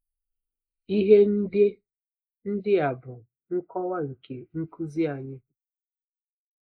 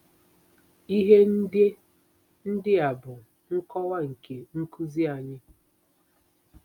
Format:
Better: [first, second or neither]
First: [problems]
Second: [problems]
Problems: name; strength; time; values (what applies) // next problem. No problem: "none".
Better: second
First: noise reduction (neural mask model Resemble Enhance denoiser)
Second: none